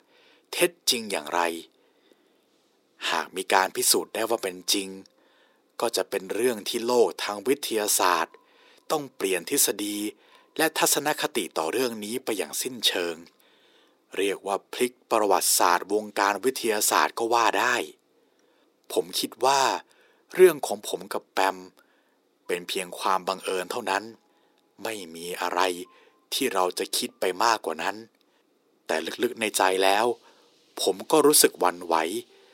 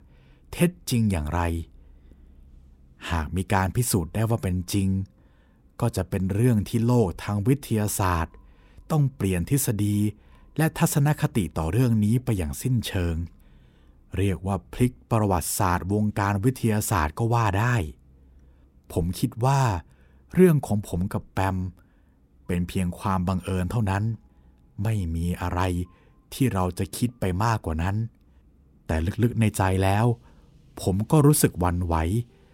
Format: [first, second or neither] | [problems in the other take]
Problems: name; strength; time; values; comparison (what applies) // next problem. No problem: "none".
second | thin; very; fading below 400 Hz